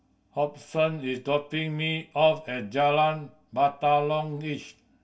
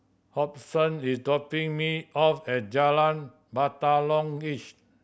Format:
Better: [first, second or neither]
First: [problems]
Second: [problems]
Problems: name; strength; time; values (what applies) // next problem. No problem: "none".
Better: second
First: room echo; dies away in 0.2 s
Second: none